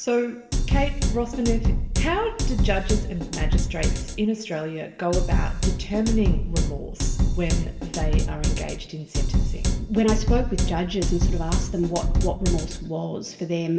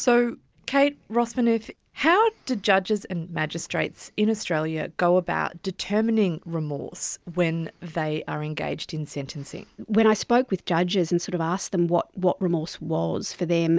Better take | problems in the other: second | background sound (Drum kit); 5 dB above the speech // room echo; dies away in 1.6 s

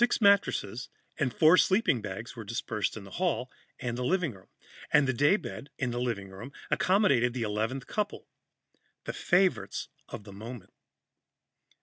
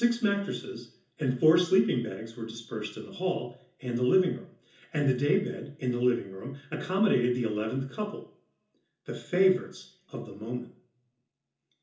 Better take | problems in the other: first | room echo; dies away in 0.6 s

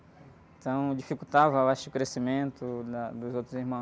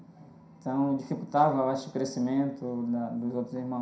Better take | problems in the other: first | room echo; dies away in 0.5 s

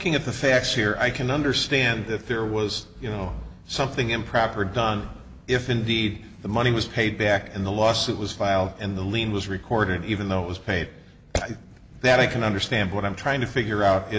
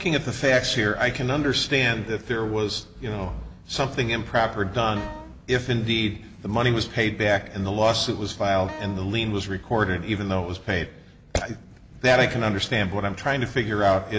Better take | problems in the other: first | background sound (Wind instrument, woodwind instrument); 17 dB below the speech

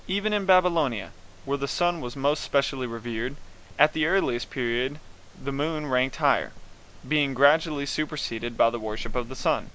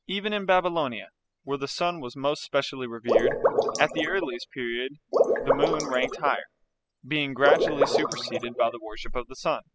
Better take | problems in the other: first | noise reduction (classical method spectral subtraction)

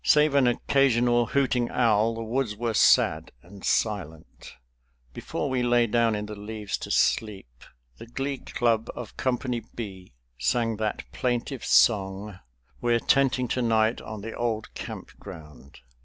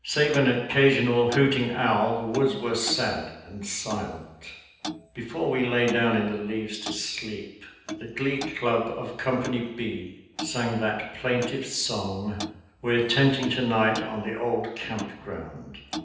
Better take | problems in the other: first | background sound (Clock); 15 dB below the speech // room echo; dies away in 0.9 s

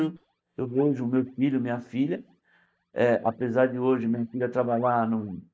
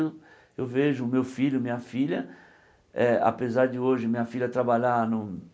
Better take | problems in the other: second | noise reduction (neural mask model DeepFilterNet 3)

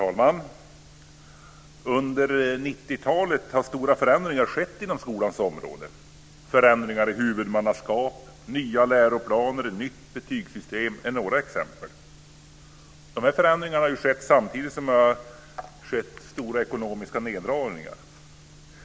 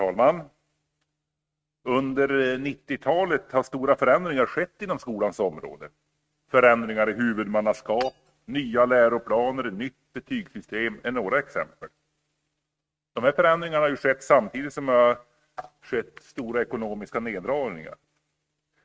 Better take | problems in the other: first | noise reduction (neural mask model RNNoise)

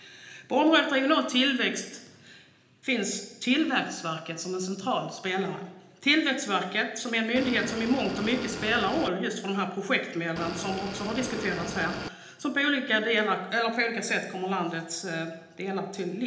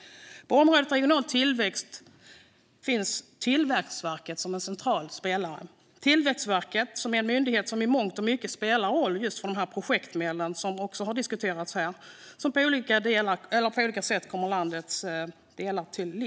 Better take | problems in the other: second | background sound (Motor vehicle (road) / Engine); 8 dB below the speech // room echo; dies away in 0.9 s

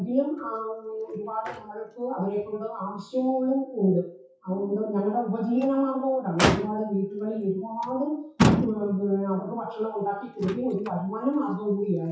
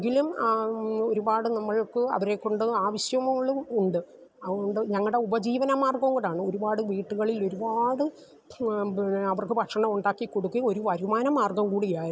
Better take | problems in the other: second | noise reduction (classical method WPE with log-MMSE)

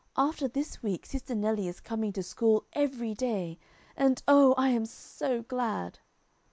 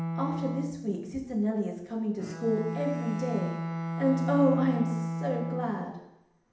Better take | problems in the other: first | background sound (Bowed string instrument); 4 dB below the speech // room echo; dies away in 0.8 s

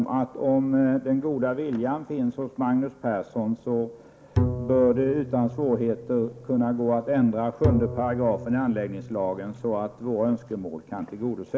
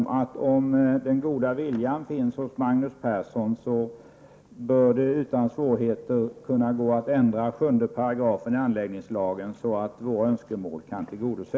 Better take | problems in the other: second | background sound (Bowed string instrument); 7 dB below the speech

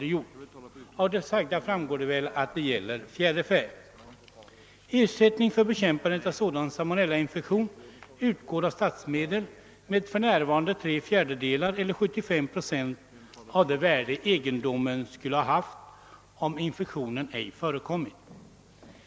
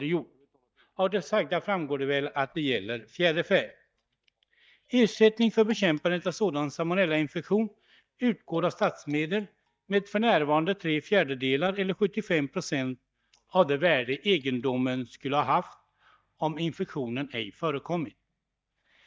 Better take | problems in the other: first | noise reduction (neural mask model DeepFilterNet 3)

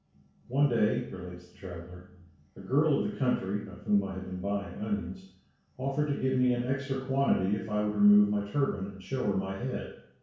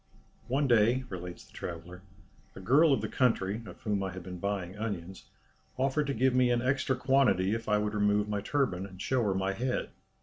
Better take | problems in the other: second | room echo; dies away in 0.6 s

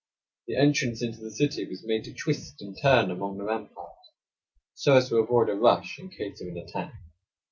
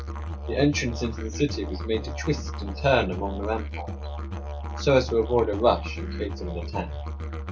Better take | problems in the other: first | background sound (Musical instrument); 5 dB below the speech

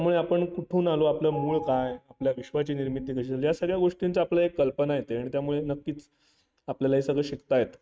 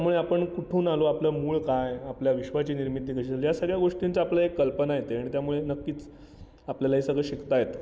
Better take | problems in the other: second | noise reduction (neural mask model RNNoise)

